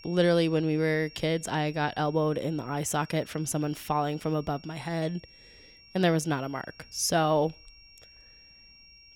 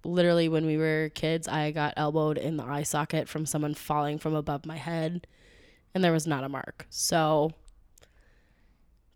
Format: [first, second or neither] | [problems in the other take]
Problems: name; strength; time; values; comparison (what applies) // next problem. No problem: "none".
second | high-pitched whine; faint; throughout; 5.5 kHz, 25 dB below the speech